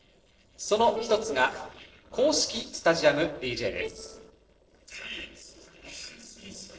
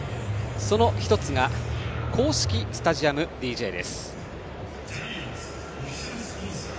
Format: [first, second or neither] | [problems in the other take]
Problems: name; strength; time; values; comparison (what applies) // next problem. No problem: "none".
second | noise reduction (neural separator model SepFormer DNS4)